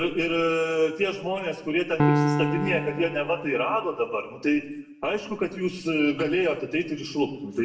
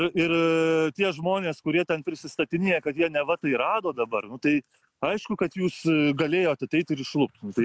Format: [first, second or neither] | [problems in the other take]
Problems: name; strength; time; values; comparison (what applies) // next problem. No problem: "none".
second | background sound (Piano); 2 dB below the speech // room echo; dies away in 0.7 s